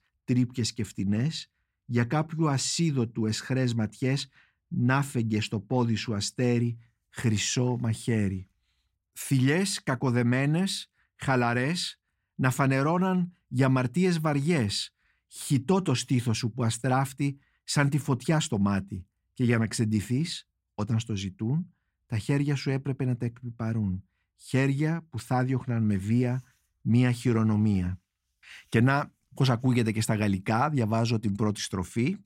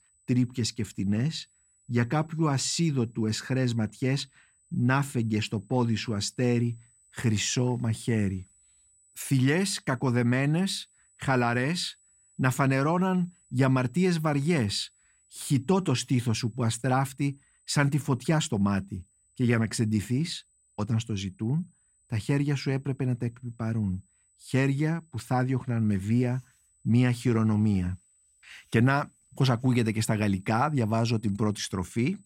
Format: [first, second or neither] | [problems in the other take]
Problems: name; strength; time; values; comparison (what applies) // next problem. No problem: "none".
first | high-pitched whine; faint; throughout; 8 kHz, 35 dB below the speech